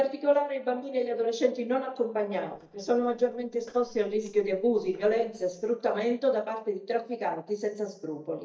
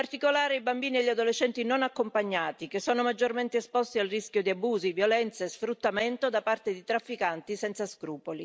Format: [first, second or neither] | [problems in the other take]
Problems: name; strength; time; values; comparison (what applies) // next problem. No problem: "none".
second | noise reduction (neural mask model DeepFilterNet 3)